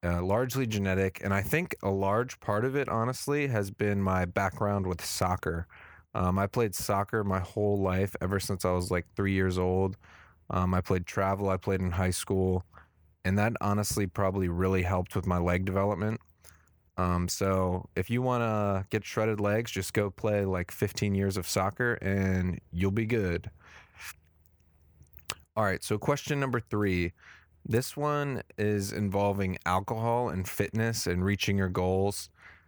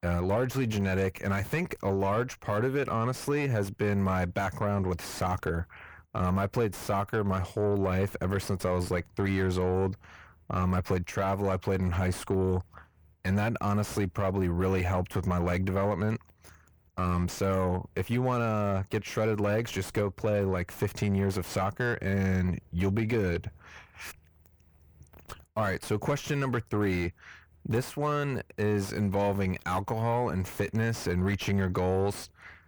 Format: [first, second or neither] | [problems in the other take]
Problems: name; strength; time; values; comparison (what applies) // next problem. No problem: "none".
first | distortion; slight; 10 dB below the speech